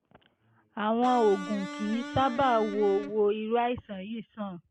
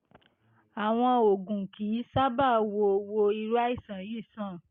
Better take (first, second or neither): second